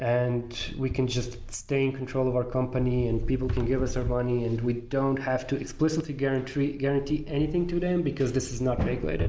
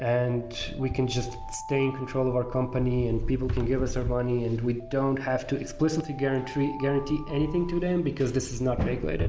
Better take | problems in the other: first | background sound (Alarm); 18 dB below the speech

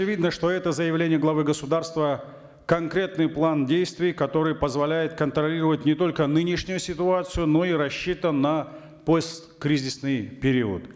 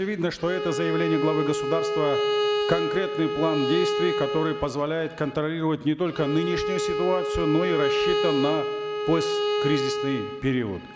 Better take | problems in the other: first | background sound (Bowed string instrument); 1 dB below the speech

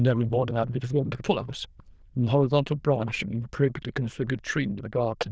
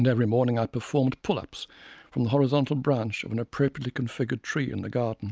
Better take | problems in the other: second | noise reduction (neural diffusion model UNIVERSE++)

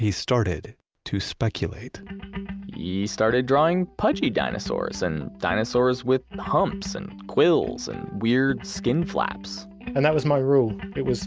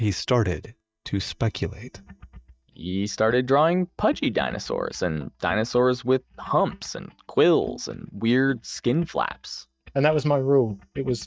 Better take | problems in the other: first | noise reduction (neural mask model DeepFilterNet 3)

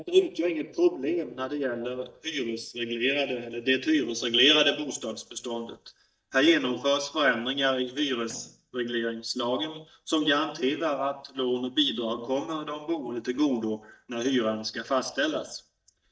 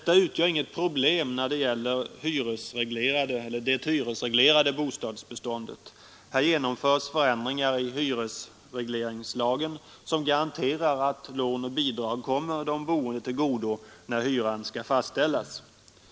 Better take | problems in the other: second | noise reduction (neural mask model DeepFilterNet 3)

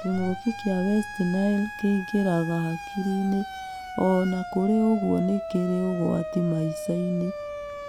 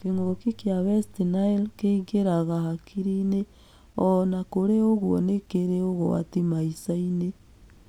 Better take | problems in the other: second | background sound (Siren); 10 dB below the speech

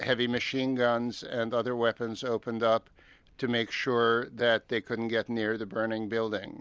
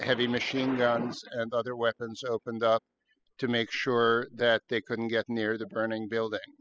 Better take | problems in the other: first | noise reduction (classical method spectral subtraction)

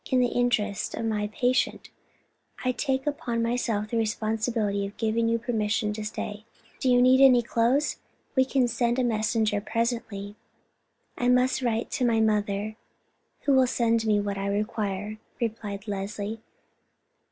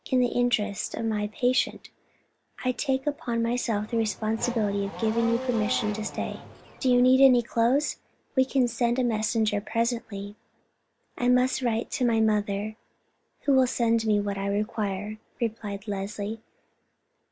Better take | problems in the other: first | background sound (Race car, auto racing / Accelerating, revving, vroom); 11 dB below the speech

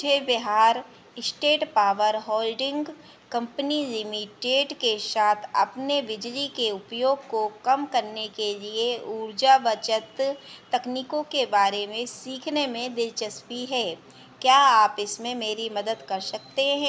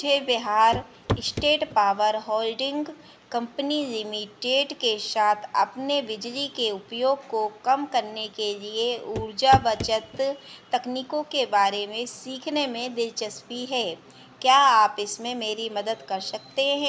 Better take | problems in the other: first | background sound (Walk, footsteps / Run / Wood); 7 dB below the speech

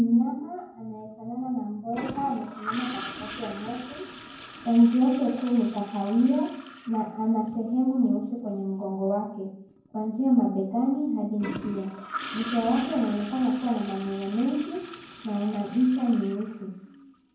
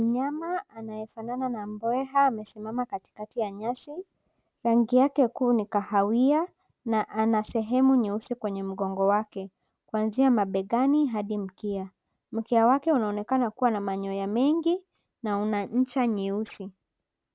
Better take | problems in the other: second | background sound (Toilet flush / Gurgling); 15 dB below the speech // room echo; dies away in 0.9 s

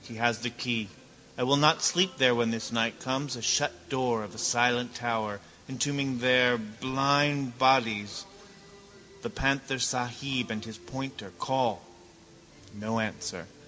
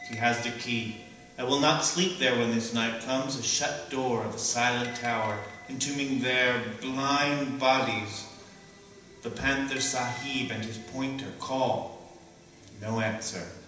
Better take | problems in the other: first | background sound (Bell); 19 dB below the speech // room echo; dies away in 0.9 s

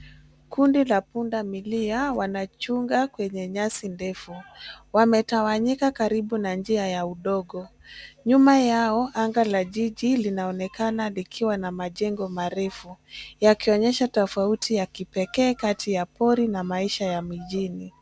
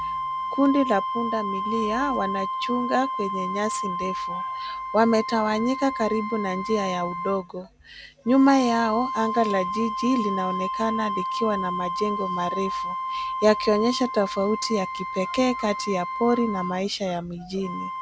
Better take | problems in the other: first | background sound (Wind instrument, woodwind instrument); 5 dB below the speech

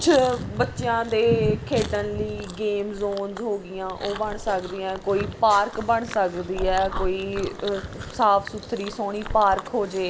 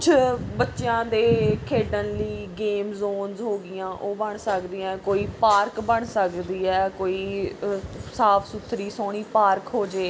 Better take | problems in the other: second | background sound (Chewing, mastication); 13 dB below the speech

